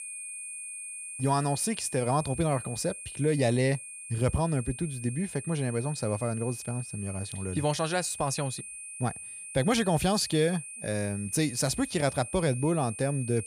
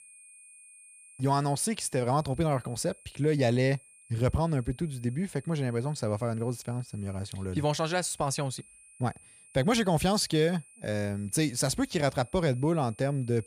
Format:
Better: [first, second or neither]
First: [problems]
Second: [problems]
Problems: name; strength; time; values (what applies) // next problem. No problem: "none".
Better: second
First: high-pitched whine; loud; throughout; 8.5 kHz, 10 dB below the speech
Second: high-pitched whine; faint; throughout; 8.5 kHz, 25 dB below the speech